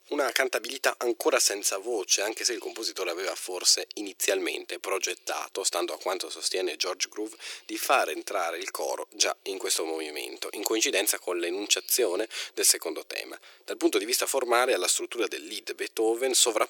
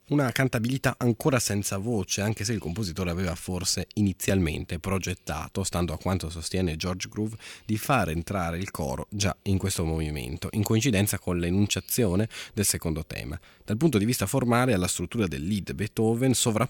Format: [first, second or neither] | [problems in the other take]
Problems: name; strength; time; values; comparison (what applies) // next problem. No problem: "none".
second | thin; very; fading below 350 Hz